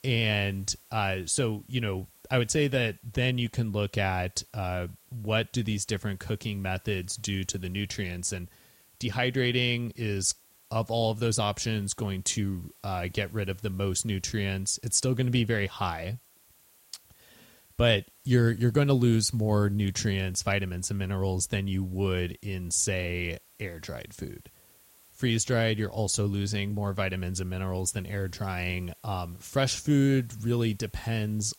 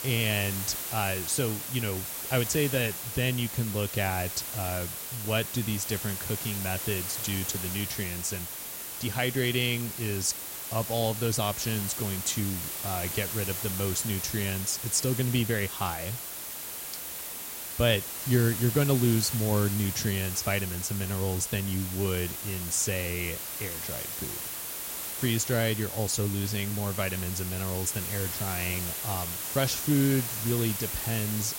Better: first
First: hiss; faint; throughout; 25 dB below the speech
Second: hiss; loud; throughout; 3 dB below the speech

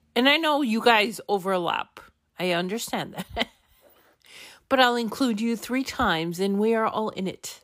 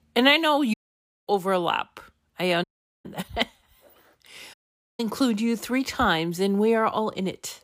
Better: first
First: none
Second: audio cutting out; at 0.5 s for 0.5 s, at 2.5 s and at 4.5 s

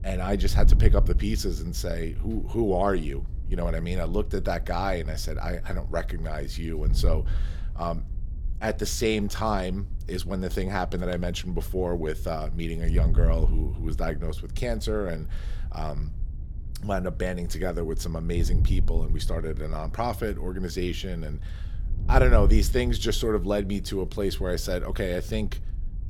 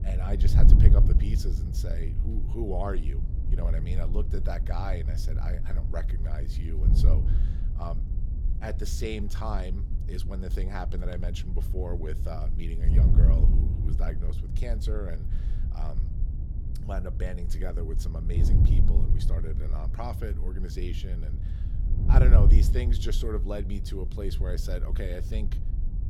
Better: first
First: wind noise on the microphone; occasional gusts; 20 dB below the speech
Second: wind noise on the microphone; heavy; 5 dB below the speech

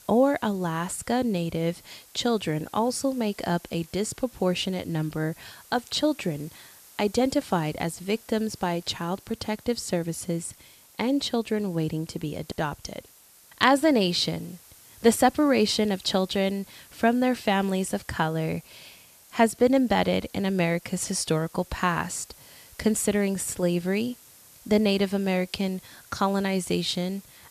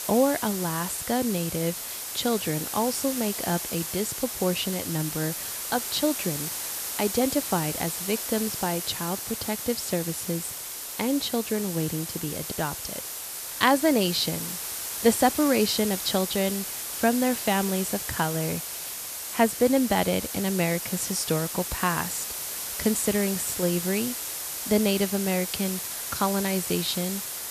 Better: first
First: hiss; faint; throughout; 25 dB below the speech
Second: hiss; loud; throughout; 4 dB below the speech

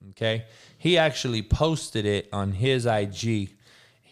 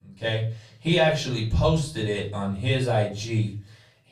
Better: first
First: none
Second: off-mic speech; far // room echo; slight; dies away in 0.3 s

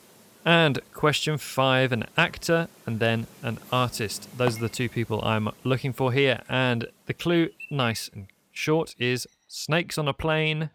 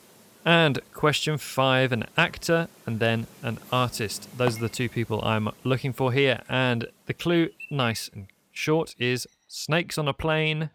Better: neither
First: animal sounds; faint; throughout; 20 dB below the speech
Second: animal sounds; faint; throughout; 20 dB below the speech

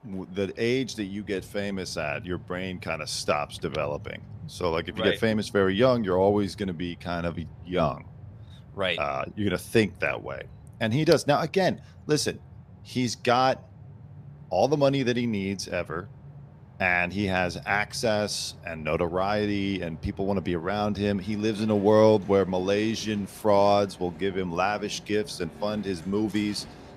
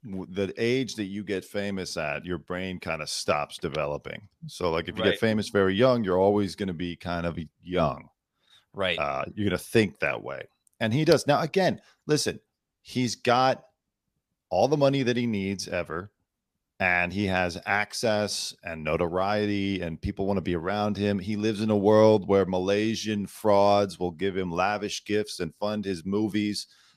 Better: second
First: train or aircraft noise; faint; throughout; 20 dB below the speech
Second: none

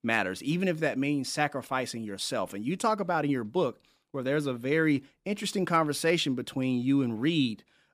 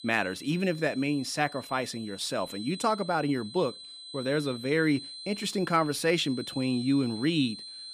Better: first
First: none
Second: high-pitched whine; noticeable; throughout; 4 kHz, 15 dB below the speech

